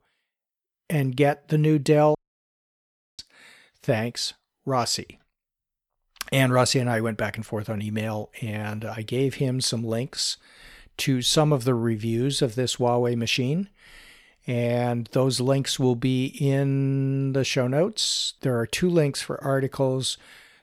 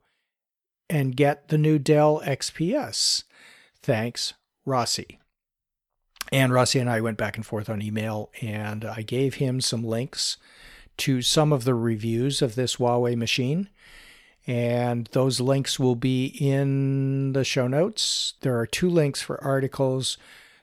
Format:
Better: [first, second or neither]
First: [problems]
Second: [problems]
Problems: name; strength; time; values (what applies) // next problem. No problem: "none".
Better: second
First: audio cutting out; at 2 s for 1 s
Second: none